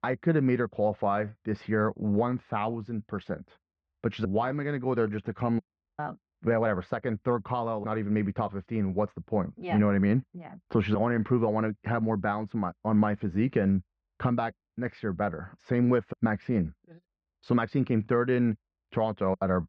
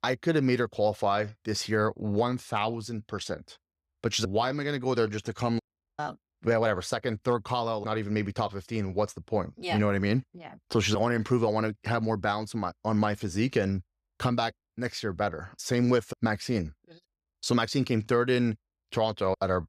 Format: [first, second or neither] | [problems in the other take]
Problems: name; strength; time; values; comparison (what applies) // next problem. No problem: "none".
second | muffled; very; fading above 2 kHz